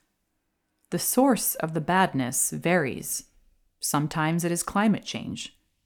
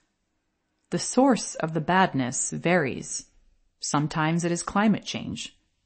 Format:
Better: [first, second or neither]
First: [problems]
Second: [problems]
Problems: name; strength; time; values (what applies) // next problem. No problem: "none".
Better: first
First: none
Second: garbled, watery; slightly; nothing above 8 kHz